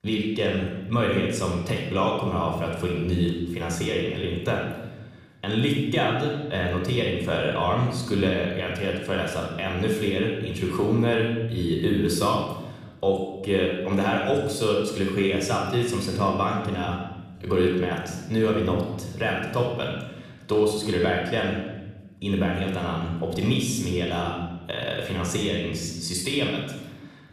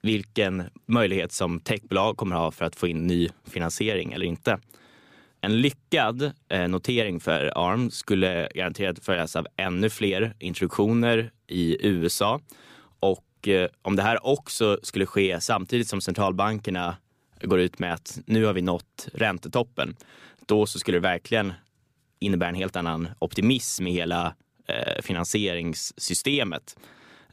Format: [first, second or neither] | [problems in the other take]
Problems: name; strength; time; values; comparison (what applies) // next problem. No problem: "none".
second | off-mic speech; far // room echo; noticeable; dies away in 1.2 s